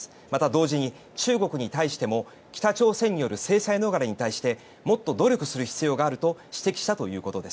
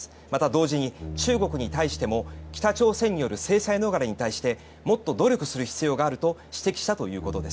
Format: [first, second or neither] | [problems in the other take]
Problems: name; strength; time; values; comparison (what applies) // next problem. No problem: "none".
first | background sound (Bass guitar); 15 dB below the speech